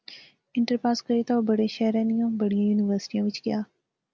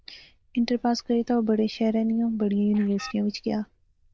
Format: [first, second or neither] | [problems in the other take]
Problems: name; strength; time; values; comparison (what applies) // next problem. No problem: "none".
first | noise reduction (neural diffusion model UNIVERSE++)